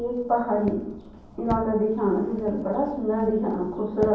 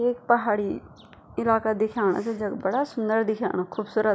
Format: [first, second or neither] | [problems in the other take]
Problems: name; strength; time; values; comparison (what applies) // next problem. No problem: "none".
second | background sound (Walk, footsteps); 15 dB below the speech // room echo; dies away in 1.2 s